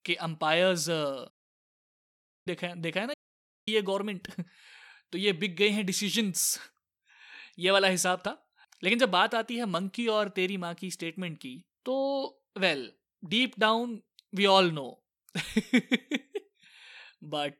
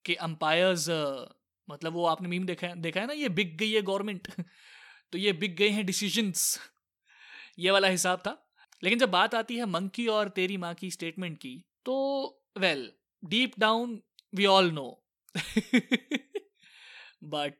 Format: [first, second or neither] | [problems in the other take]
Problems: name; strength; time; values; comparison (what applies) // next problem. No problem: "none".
second | audio cutting out; at 1.5 s for 1 s and at 3 s for 0.5 s